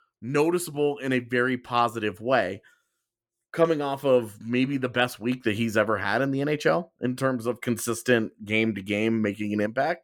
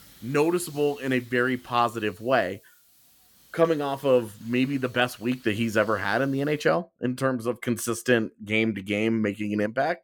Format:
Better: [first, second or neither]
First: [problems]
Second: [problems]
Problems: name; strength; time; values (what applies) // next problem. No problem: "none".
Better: first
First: none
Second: hiss; faint; until 6.5 s; 25 dB below the speech